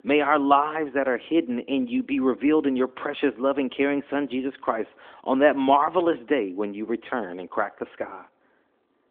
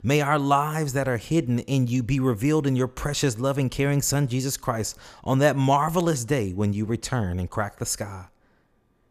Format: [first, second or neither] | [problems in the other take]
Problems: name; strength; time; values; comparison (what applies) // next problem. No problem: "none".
second | phone-call audio; nothing above 3.5 kHz